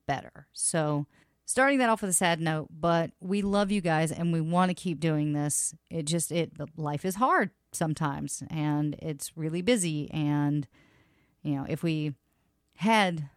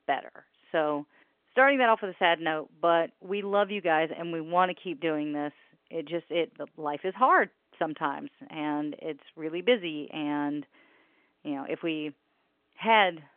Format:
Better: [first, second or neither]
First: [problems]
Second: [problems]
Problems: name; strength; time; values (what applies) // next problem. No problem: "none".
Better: first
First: none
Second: phone-call audio; nothing above 3.5 kHz